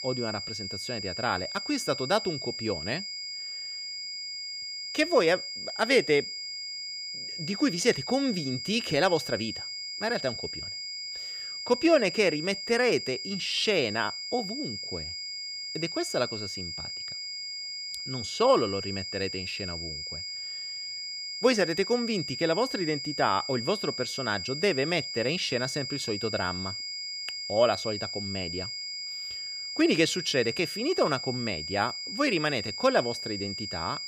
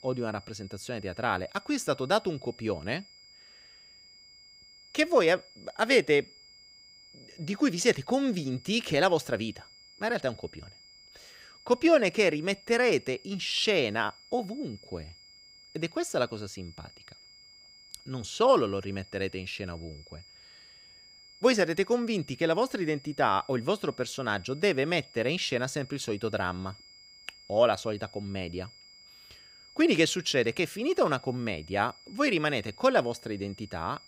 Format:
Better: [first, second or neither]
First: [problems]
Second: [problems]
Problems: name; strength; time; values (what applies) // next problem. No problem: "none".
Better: second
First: high-pitched whine; loud; throughout; 5 kHz, 5 dB below the speech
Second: high-pitched whine; faint; throughout; 5 kHz, 25 dB below the speech